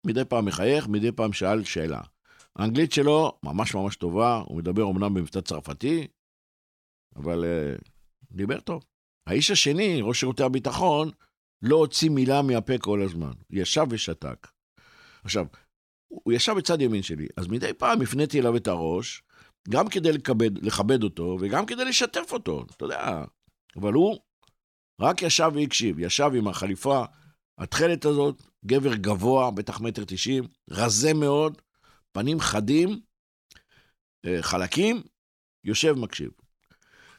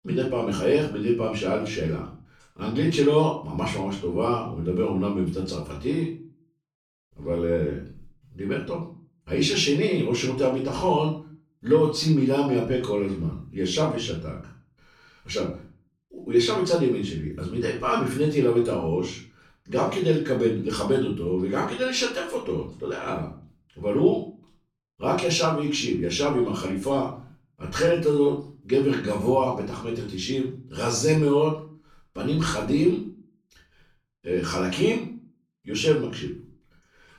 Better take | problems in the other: first | off-mic speech; far // room echo; slight; dies away in 0.4 s

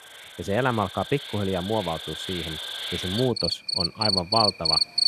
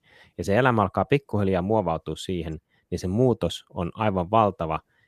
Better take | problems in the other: second | animal sounds; very loud; throughout; 2 dB above the speech

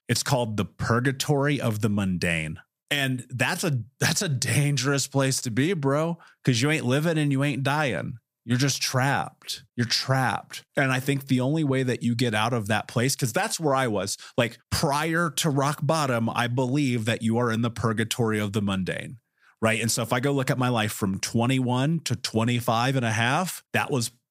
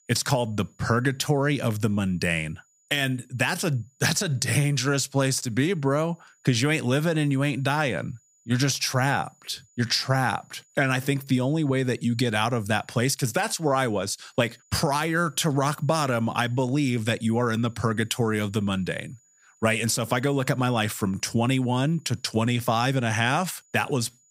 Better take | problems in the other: first | high-pitched whine; faint; throughout; 7 kHz, 35 dB below the speech

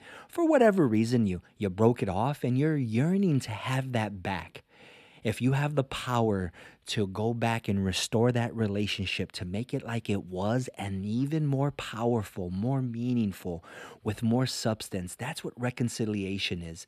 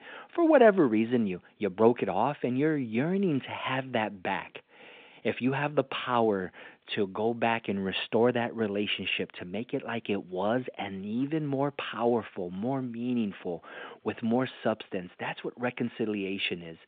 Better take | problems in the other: first | phone-call audio

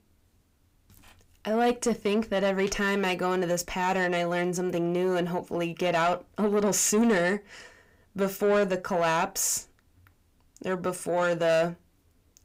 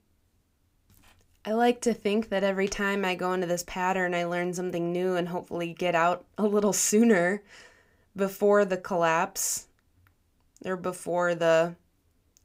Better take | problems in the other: second | distortion; slight; 10 dB below the speech

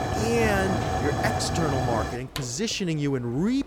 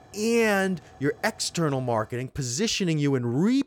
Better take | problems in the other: second | hiss; loud; throughout; 1 dB below the speech; faint in the second

